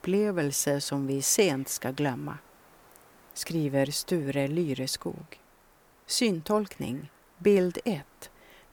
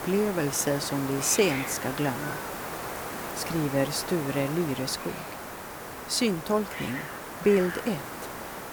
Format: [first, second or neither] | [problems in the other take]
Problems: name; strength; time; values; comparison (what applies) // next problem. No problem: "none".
first | hiss; loud; throughout; 7 dB below the speech; faint in the first